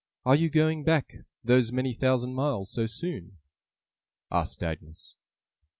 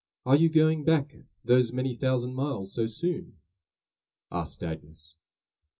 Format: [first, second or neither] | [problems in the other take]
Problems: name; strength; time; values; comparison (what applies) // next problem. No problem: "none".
first | room echo; dies away in 0.2 s